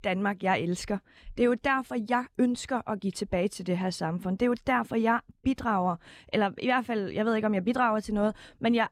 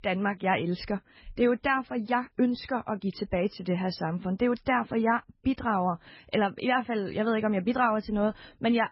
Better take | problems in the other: first | garbled, watery; badly; nothing above 5.5 kHz

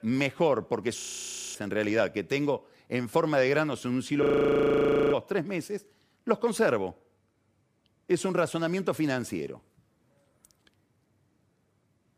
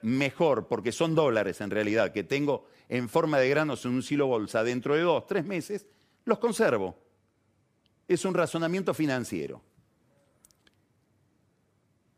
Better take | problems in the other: second | audio freezing; at 1 s for 0.5 s and at 4 s for 1 s

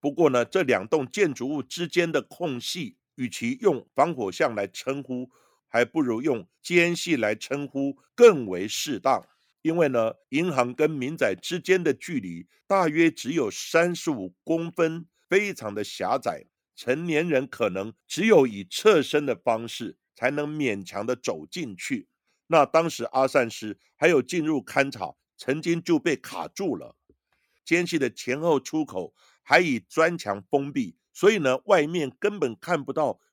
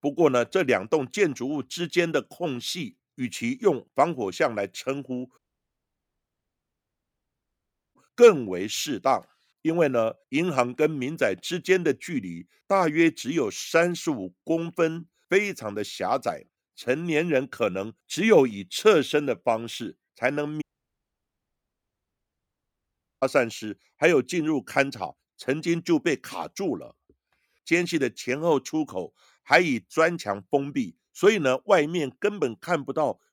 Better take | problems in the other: first | audio cutting out; at 5.5 s for 2.5 s and at 21 s for 2.5 s

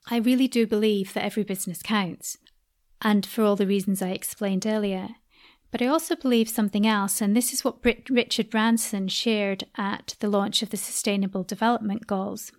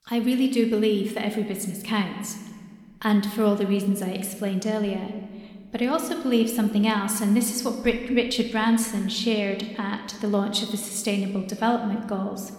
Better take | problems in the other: first | room echo; slight; dies away in 1.5 s

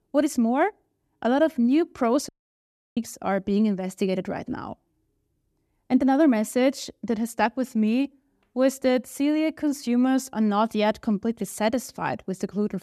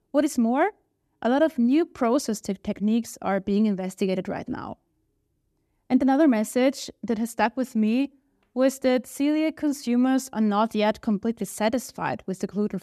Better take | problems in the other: second | audio cutting out; at 2.5 s for 0.5 s

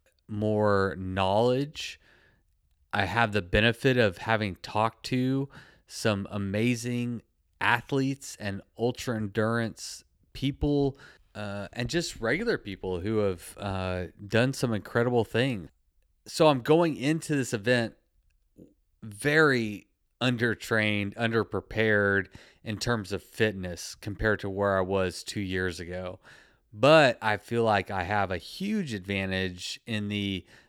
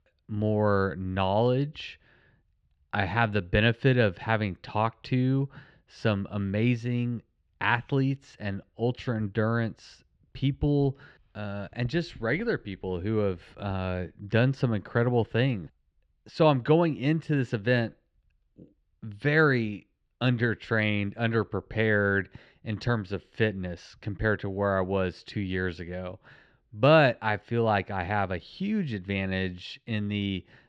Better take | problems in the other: first | muffled; very slightly; fading above 3.5 kHz

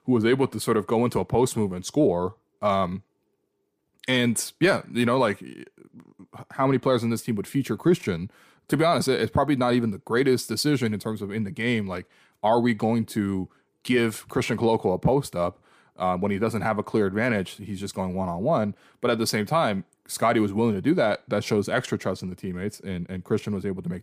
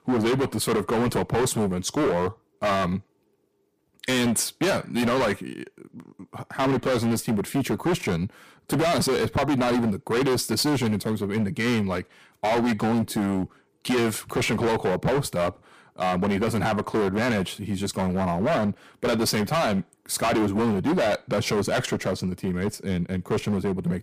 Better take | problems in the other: first | distortion; heavy; 20% of the sound clipped

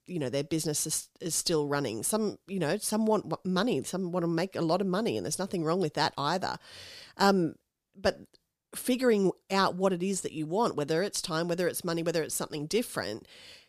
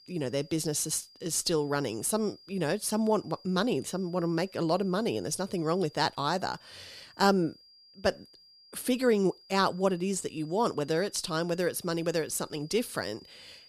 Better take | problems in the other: first | high-pitched whine; faint; throughout; 5 kHz, 25 dB below the speech

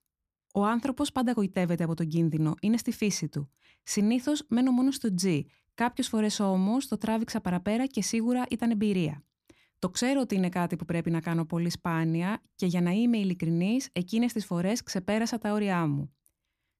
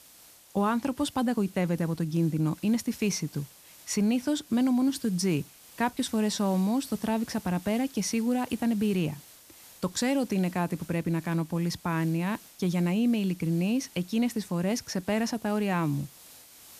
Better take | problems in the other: first | hiss; faint; throughout; 20 dB below the speech

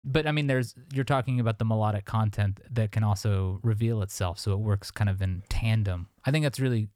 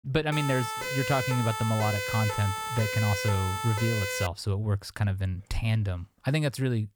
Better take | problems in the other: first | siren; noticeable; until 4.5 s; peak 1 dB below the speech

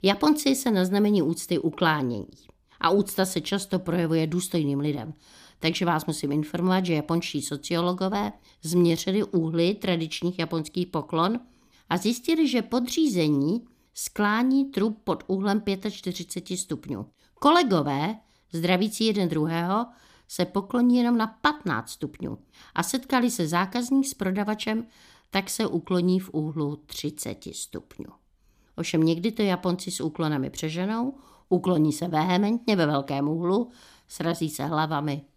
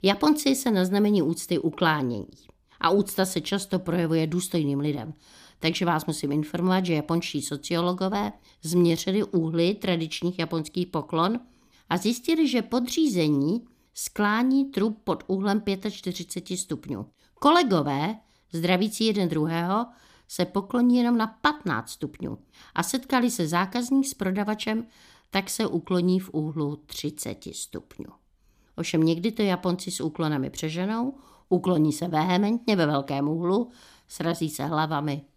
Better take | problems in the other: neither | none

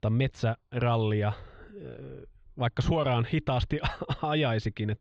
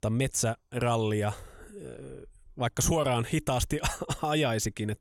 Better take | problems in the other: second | muffled; very; fading above 4 kHz

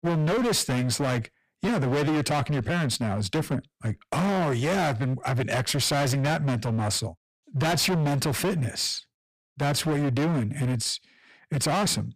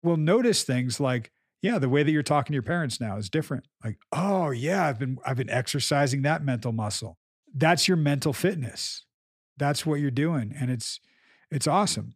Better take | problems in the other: second | distortion; heavy; 27% of the sound clipped

